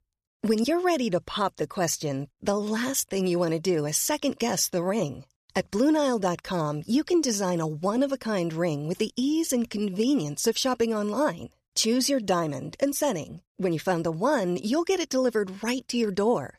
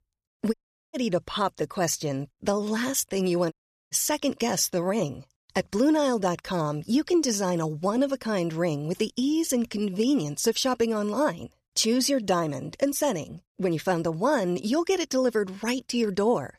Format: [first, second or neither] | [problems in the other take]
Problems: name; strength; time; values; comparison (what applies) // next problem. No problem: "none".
first | audio cutting out; at 0.5 s and at 3.5 s